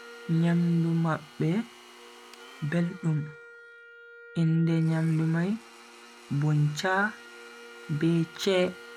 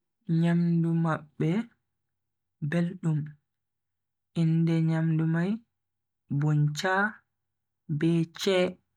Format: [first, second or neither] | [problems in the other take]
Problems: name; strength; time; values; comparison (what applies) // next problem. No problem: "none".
second | background sound (Domestic sounds, home sounds + Wind instrument, woodwind instrument); 19 dB below the speech